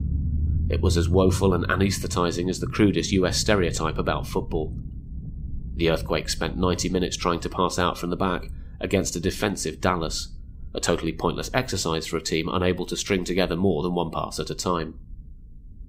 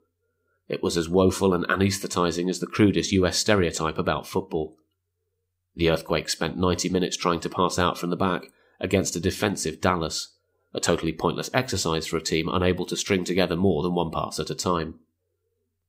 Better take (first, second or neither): second